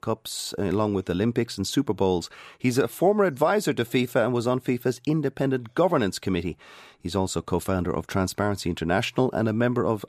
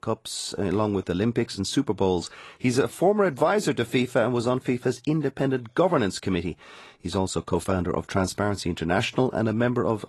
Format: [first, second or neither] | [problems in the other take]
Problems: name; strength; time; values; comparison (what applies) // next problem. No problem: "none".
first | garbled, watery; slightly; nothing above 12 kHz